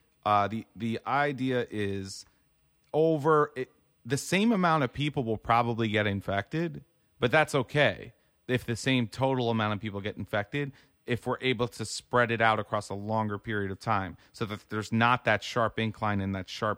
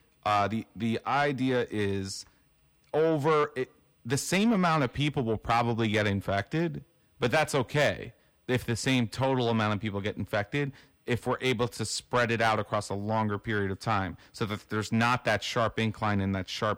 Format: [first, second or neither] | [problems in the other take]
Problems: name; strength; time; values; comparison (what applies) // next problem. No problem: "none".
first | distortion; slight; 10 dB below the speech